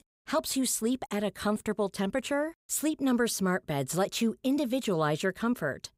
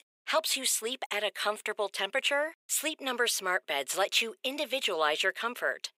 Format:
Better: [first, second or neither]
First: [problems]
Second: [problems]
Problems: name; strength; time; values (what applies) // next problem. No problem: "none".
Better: first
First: none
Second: thin; very; fading below 500 Hz